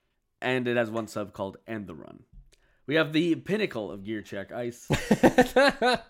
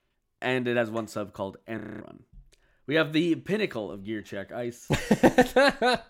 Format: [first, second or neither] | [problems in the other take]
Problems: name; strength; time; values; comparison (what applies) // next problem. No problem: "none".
first | audio freezing; at 2 s